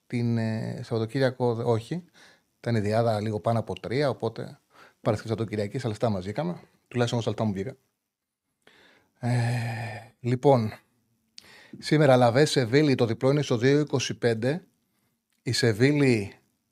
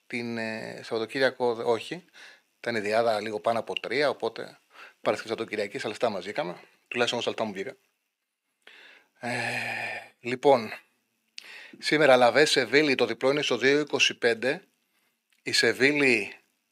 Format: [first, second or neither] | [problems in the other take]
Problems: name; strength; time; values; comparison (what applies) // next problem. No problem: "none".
first | thin; somewhat; fading below 350 Hz